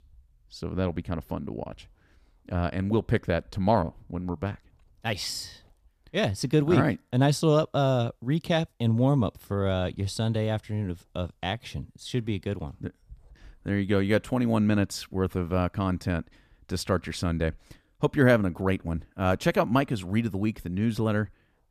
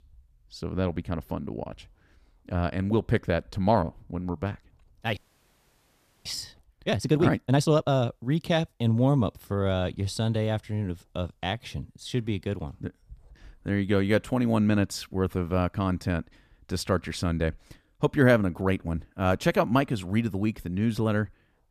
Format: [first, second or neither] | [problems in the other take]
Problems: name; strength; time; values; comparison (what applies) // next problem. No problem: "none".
first | audio freezing; at 5 s for 1 s